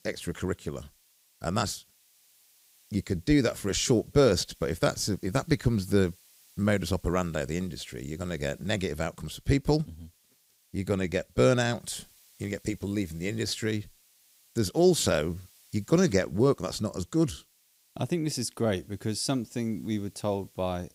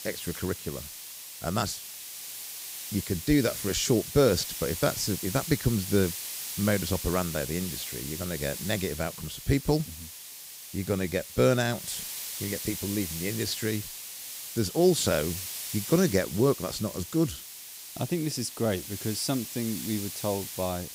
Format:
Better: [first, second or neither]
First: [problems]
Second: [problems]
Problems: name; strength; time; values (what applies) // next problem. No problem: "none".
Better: first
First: hiss; faint; throughout; 30 dB below the speech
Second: hiss; loud; throughout; 7 dB below the speech